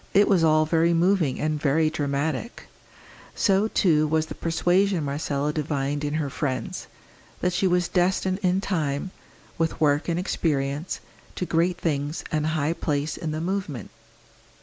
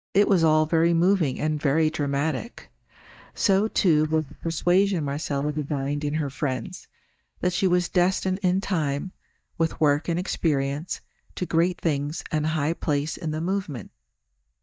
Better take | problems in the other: first | noise reduction (neural mask model DeepFilterNet 3)

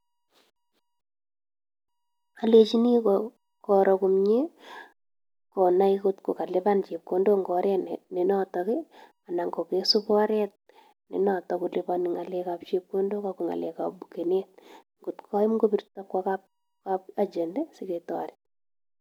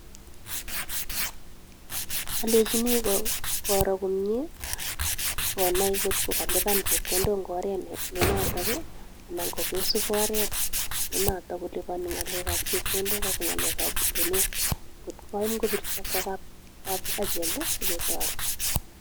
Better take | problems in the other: first | background sound (Door + Tools); 3 dB above the speech

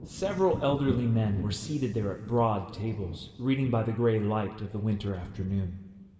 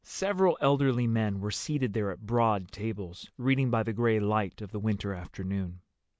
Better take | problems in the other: second | background sound (Thunder / Wind); 12 dB below the speech // room echo; dies away in 1.7 s

